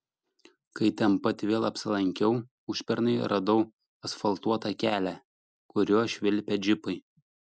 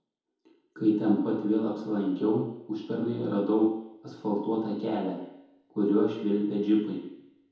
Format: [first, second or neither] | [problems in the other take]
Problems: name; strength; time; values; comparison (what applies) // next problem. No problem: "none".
first | room echo; dies away in 1.8 s